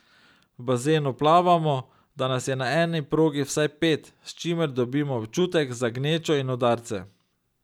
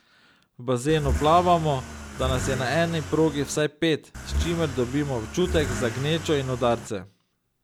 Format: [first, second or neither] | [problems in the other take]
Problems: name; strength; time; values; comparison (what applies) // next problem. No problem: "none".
first | background sound (Accelerating, revving, vroom / Car); 7 dB below the speech